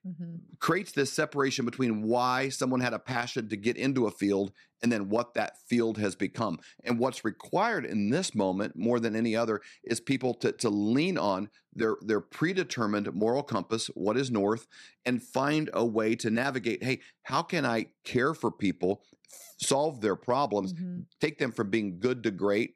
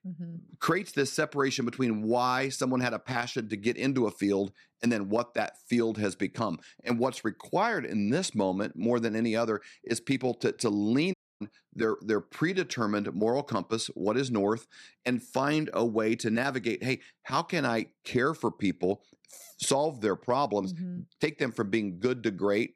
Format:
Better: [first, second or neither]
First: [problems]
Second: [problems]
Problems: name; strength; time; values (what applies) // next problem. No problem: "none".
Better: first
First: none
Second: audio cutting out; at 11 s